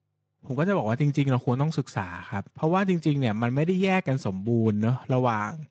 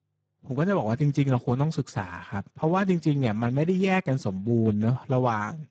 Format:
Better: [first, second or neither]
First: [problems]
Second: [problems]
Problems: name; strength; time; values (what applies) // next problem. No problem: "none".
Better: first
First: garbled, watery; slightly; nothing above 7.5 kHz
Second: garbled, watery; badly; nothing above 7.5 kHz